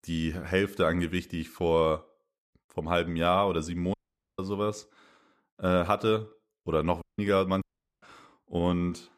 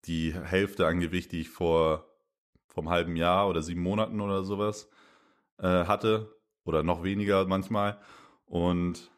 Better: second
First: audio cutting out; at 4 s, at 7 s and at 7.5 s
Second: none

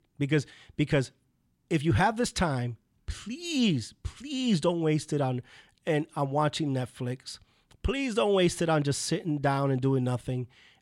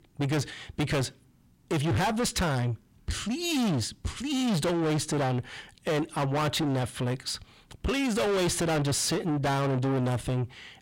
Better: first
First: none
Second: distortion; heavy; 6 dB below the speech

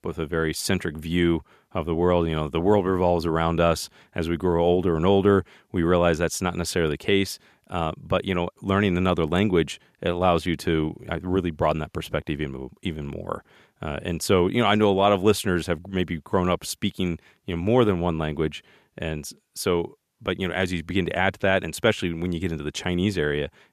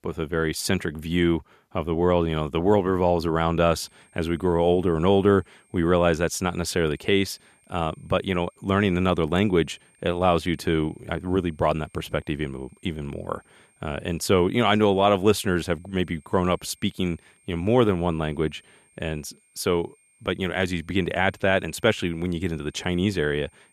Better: first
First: none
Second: high-pitched whine; faint; from 3.5 s on; 8.5 kHz, 35 dB below the speech

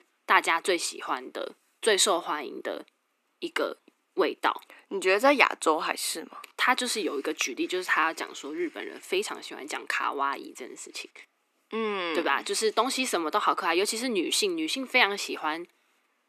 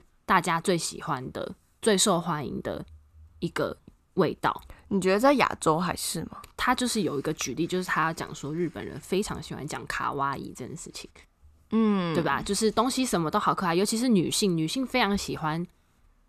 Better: second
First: thin; somewhat; fading below 300 Hz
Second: none

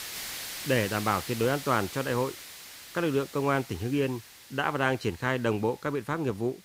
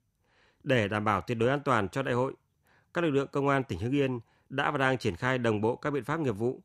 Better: second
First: hiss; noticeable; throughout; 10 dB below the speech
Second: none

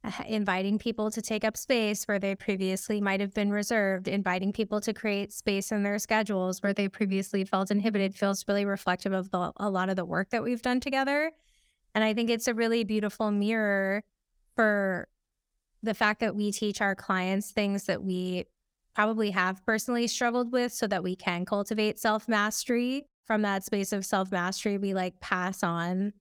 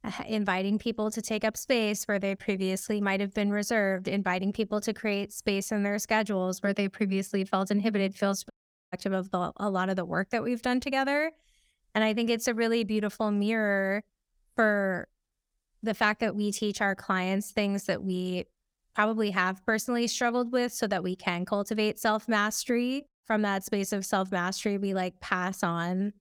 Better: first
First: none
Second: audio cutting out; at 8.5 s

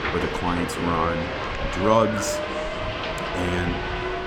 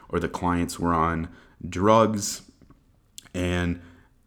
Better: second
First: train or aircraft noise; loud; throughout; 2 dB below the speech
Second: none

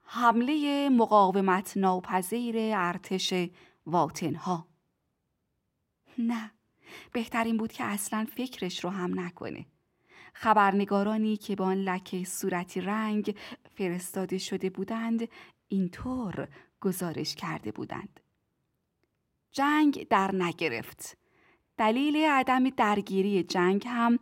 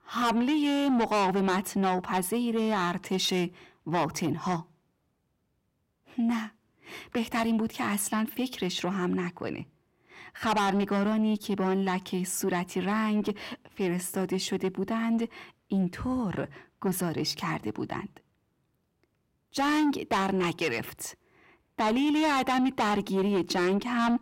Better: first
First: none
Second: distortion; heavy; 8 dB below the speech

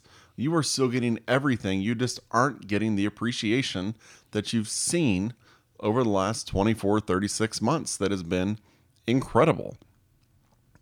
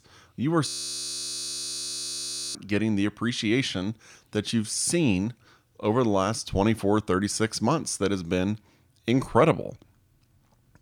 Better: first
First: none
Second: audio freezing; at 0.5 s for 2 s

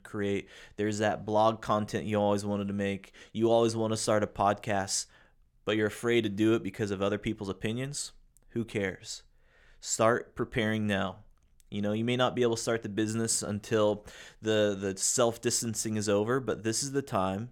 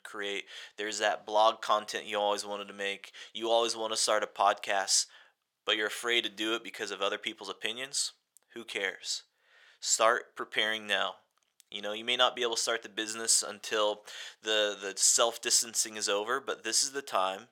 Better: first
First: none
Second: thin; very; fading below 700 Hz

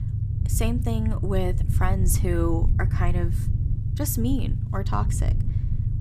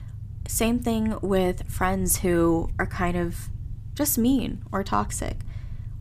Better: second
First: low rumble; loud; throughout; 8 dB below the speech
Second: low rumble; faint; throughout; 25 dB below the speech

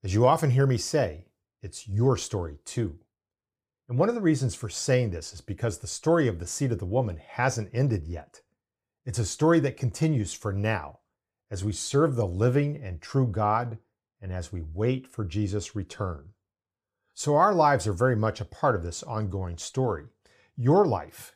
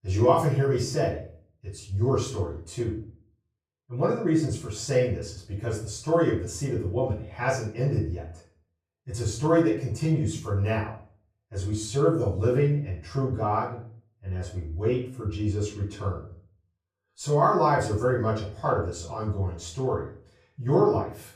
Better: first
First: none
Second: off-mic speech; far // room echo; noticeable; dies away in 0.4 s

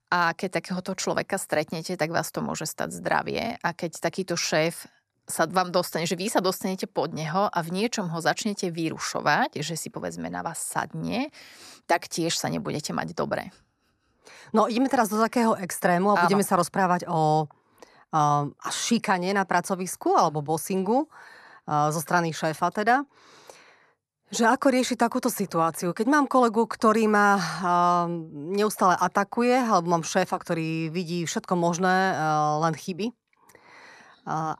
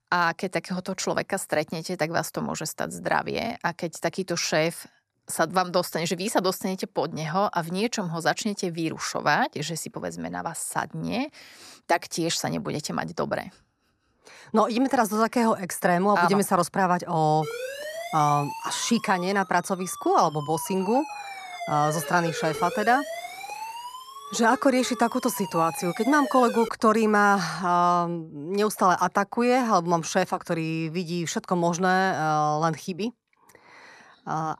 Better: first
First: none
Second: siren; noticeable; from 17 to 27 s; peak 7 dB below the speech

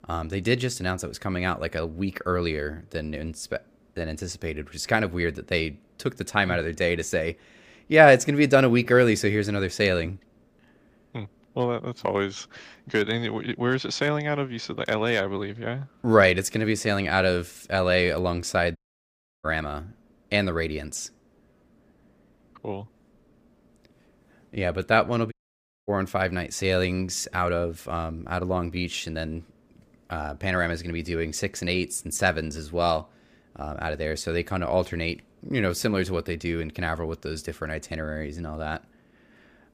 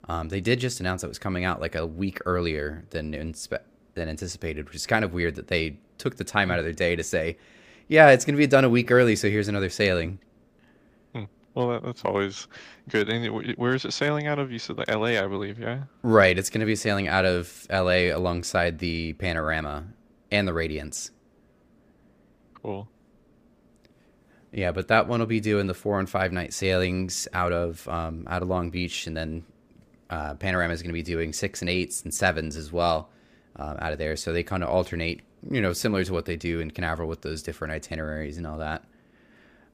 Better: second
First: audio cutting out; at 19 s for 0.5 s and at 25 s for 0.5 s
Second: none

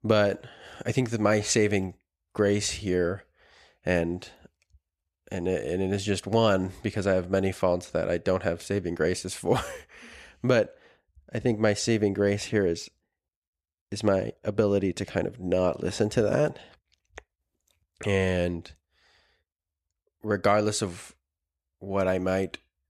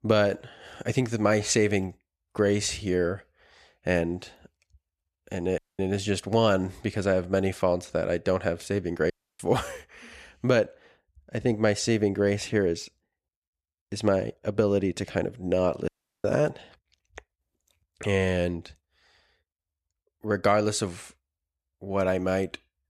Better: first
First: none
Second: audio cutting out; at 5.5 s, at 9 s and at 16 s

